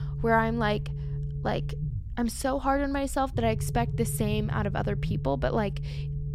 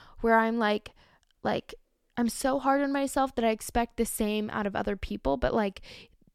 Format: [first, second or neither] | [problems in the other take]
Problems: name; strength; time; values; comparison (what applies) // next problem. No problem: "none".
second | low rumble; noticeable; throughout; 15 dB below the speech